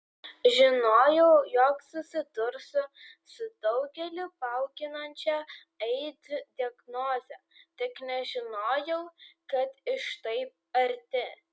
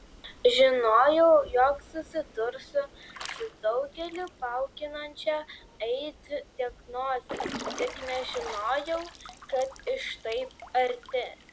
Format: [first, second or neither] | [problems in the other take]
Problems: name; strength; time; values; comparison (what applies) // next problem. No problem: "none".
first | background sound (Drip / Trickle, dribble / Water / Splash, splatter); 15 dB below the speech